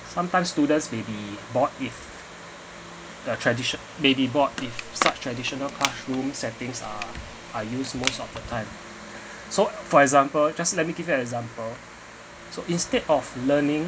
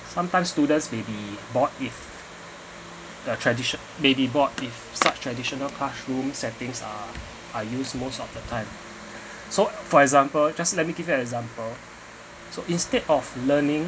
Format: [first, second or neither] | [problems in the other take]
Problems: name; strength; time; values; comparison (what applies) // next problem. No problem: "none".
second | background sound (Crushing); 10 dB below the speech